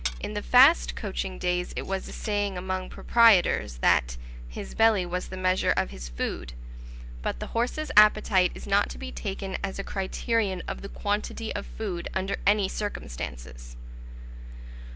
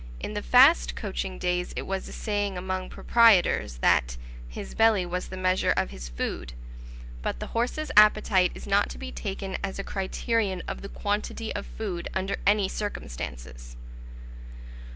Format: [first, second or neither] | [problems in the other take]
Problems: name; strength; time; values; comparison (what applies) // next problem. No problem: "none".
second | background sound (Glass); 16 dB below the speech